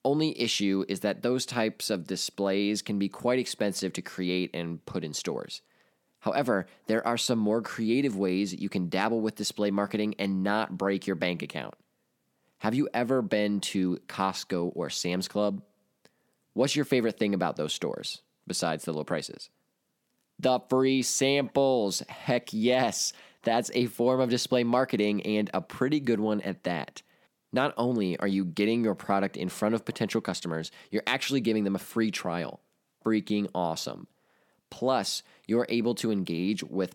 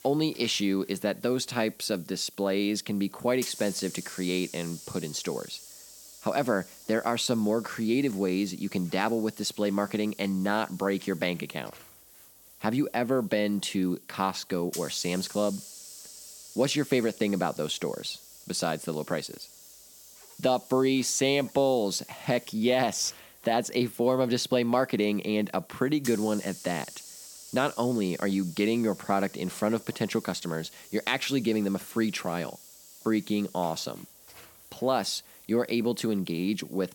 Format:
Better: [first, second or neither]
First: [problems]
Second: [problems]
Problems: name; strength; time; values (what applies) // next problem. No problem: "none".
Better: first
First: none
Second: hiss; noticeable; throughout; 15 dB below the speech